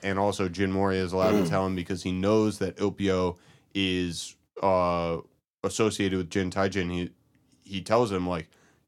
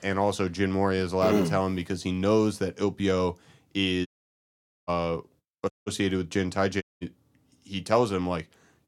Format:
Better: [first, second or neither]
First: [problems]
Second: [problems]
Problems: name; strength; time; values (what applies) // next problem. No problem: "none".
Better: first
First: none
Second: audio cutting out; at 4 s for 1 s, at 5.5 s and at 7 s